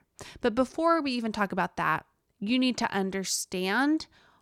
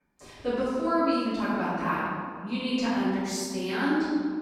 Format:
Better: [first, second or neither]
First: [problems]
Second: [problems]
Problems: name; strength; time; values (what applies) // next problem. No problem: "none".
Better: first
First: none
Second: off-mic speech; far // room echo; strong; dies away in 2 s